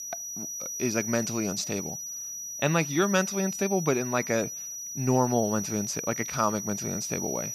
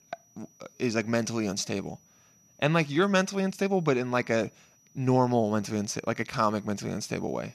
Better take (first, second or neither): second